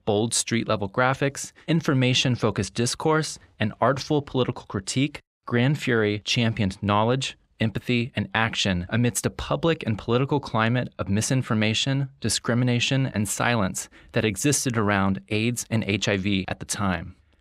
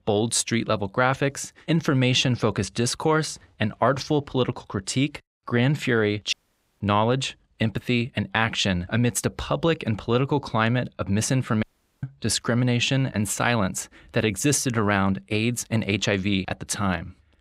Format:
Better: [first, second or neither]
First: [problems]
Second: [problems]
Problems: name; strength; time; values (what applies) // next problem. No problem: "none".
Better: first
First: none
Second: audio cutting out; at 6.5 s and at 12 s